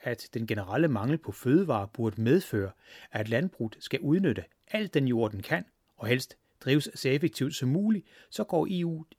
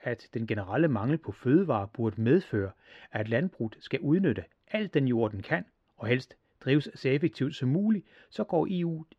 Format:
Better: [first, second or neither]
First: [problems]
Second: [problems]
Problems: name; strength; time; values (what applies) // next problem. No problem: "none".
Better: first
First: none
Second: muffled; slightly; fading above 3 kHz